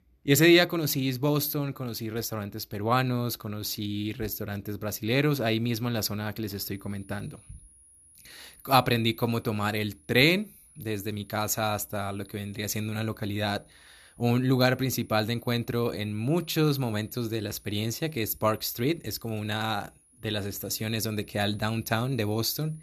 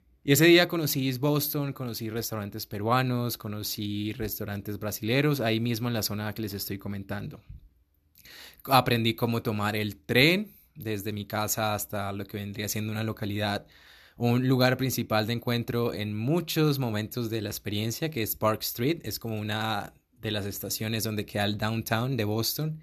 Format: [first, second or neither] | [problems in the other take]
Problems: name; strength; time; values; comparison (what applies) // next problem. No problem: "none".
second | high-pitched whine; faint; from 6.5 s on; 10.5 kHz, 30 dB below the speech